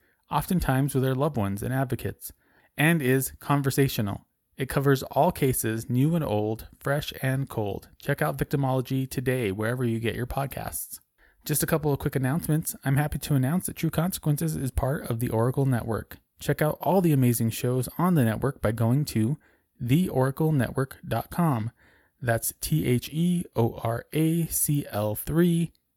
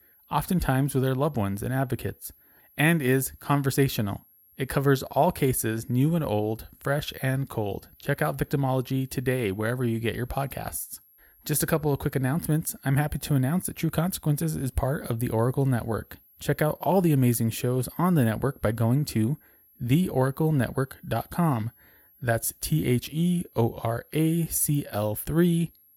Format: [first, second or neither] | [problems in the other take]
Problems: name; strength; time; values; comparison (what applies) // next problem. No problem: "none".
first | high-pitched whine; faint; throughout; 11.5 kHz, 30 dB below the speech